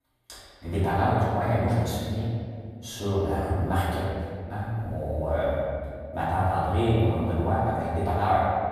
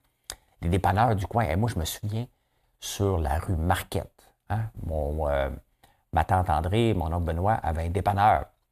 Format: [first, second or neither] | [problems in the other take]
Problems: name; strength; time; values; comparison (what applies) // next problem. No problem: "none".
second | off-mic speech; far // room echo; strong; dies away in 2.1 s